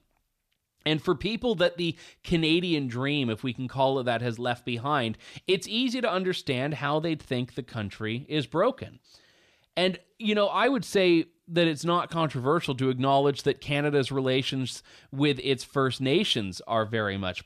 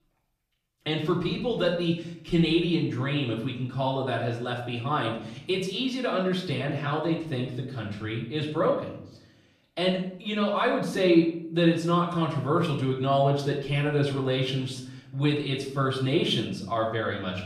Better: first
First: none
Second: off-mic speech; far // room echo; slight; dies away in 0.7 s

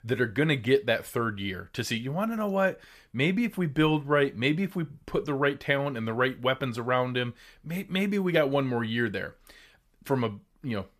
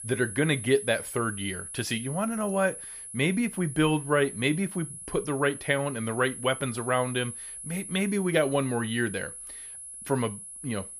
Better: first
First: none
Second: high-pitched whine; loud; throughout; 10.5 kHz, 10 dB below the speech

